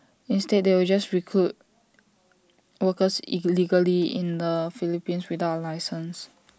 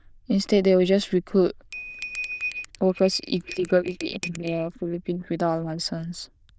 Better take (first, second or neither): first